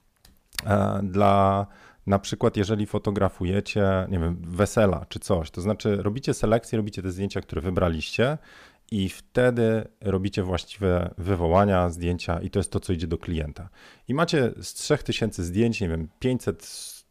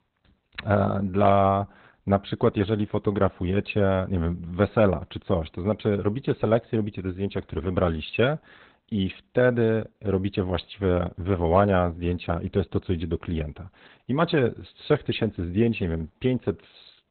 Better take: first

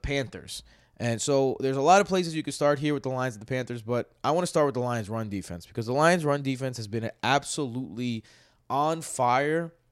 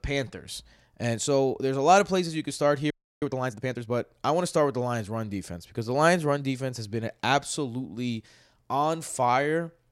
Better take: first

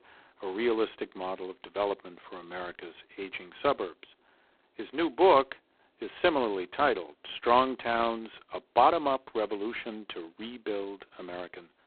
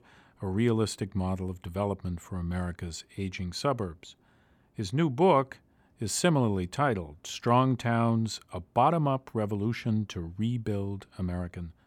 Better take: second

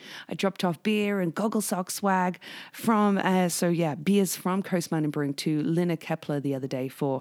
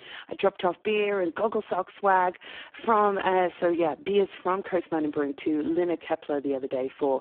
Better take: first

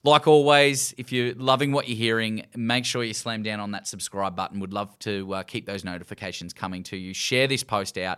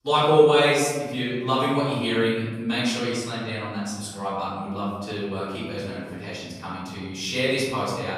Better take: first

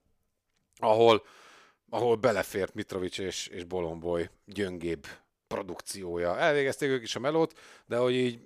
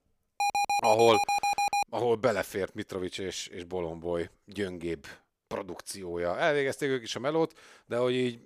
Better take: first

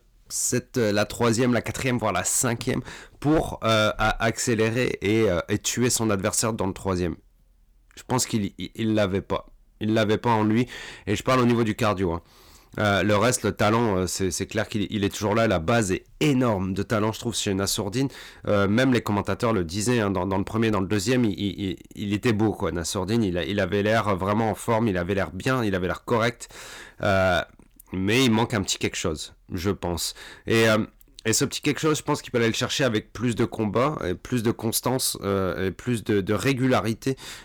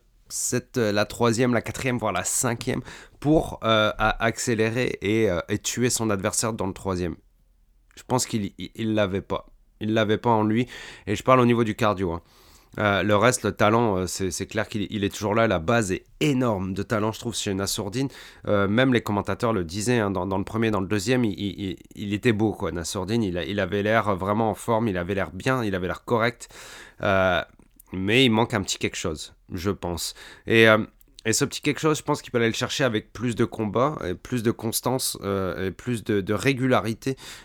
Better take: second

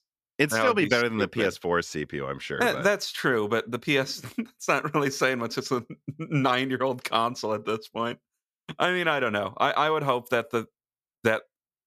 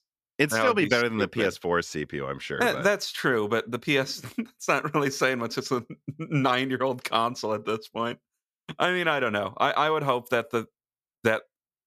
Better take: neither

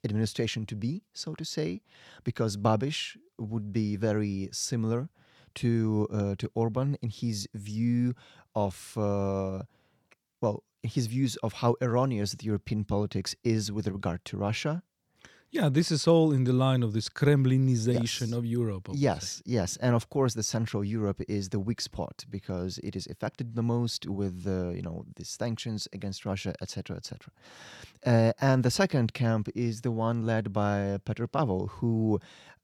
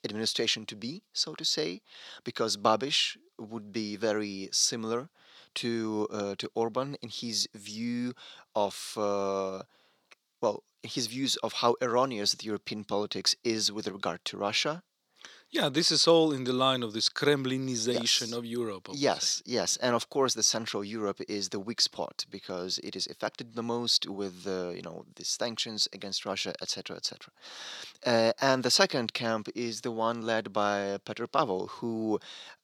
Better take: first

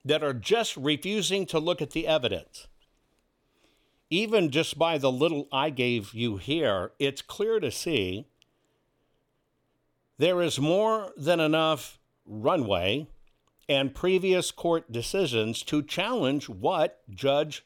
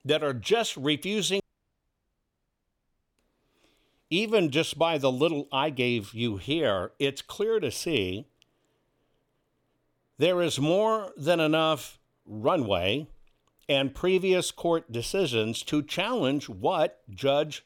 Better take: first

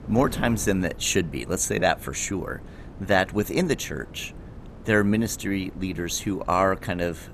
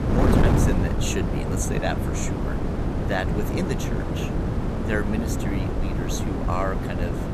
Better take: first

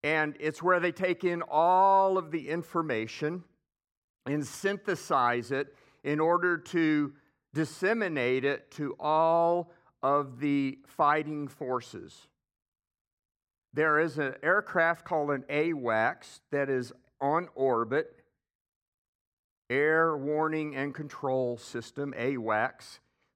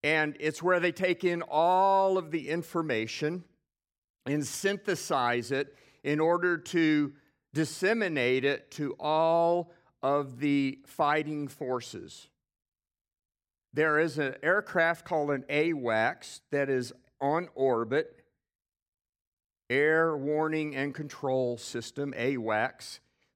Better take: second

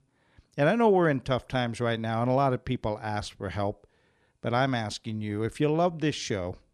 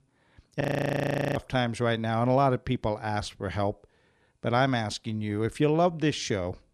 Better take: first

